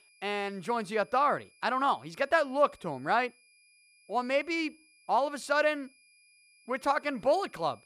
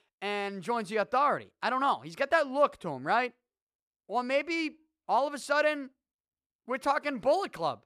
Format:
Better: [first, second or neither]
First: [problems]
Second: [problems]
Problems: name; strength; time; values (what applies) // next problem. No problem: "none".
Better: second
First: high-pitched whine; faint; throughout; 2.5 kHz, 30 dB below the speech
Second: none